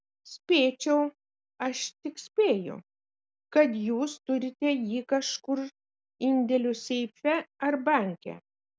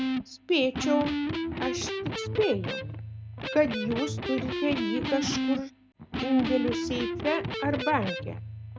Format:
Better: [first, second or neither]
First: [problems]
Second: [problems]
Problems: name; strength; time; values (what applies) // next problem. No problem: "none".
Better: first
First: none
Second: background sound (Electric guitar); 2 dB below the speech